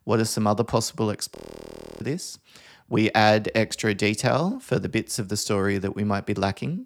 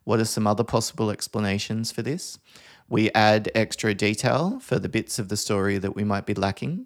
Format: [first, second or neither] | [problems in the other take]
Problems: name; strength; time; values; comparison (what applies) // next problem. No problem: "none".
second | audio freezing; at 1.5 s for 0.5 s